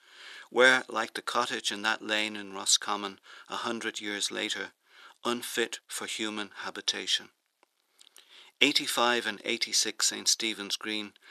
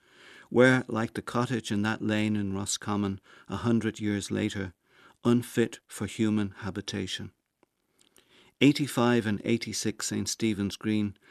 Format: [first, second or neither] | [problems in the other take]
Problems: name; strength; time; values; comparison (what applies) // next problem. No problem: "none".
second | thin; very; fading below 650 Hz